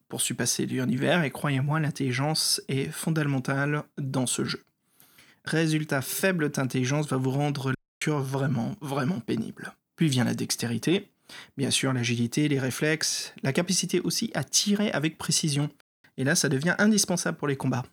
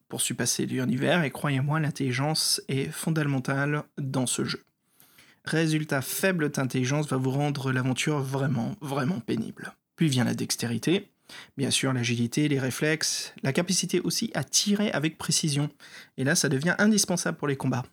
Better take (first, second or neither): second